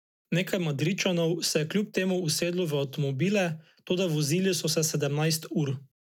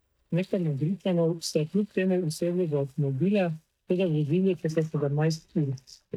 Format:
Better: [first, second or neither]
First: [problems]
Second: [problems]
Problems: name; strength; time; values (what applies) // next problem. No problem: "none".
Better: first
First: none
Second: noise reduction (neural mask model DeepFilterNet 3)